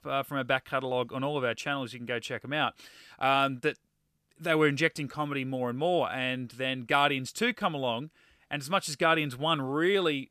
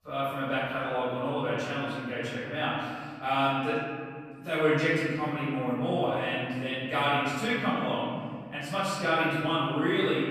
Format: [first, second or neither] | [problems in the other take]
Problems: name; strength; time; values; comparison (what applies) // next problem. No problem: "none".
first | off-mic speech; far // room echo; strong; dies away in 2 s